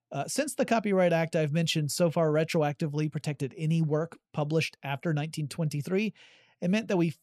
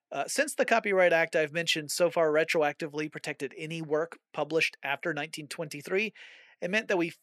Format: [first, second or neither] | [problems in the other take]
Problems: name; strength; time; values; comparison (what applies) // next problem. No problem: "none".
first | thin; somewhat; fading below 400 Hz